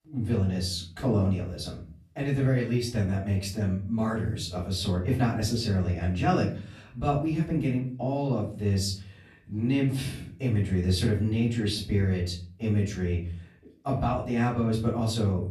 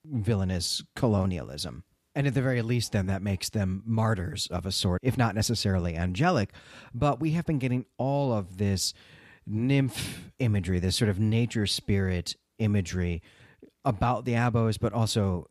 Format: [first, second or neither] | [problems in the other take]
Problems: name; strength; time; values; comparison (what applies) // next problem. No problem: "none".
second | off-mic speech; far // room echo; slight; dies away in 0.5 s